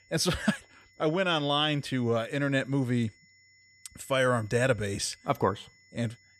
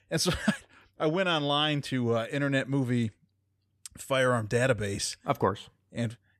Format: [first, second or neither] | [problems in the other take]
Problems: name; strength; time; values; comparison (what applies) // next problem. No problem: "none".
second | high-pitched whine; faint; throughout; 2 kHz, 30 dB below the speech